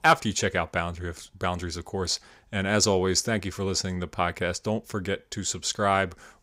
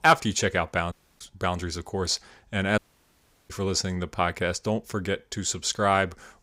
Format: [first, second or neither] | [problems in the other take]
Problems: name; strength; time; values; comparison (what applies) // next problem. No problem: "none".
first | audio cutting out; at 1 s and at 3 s for 0.5 s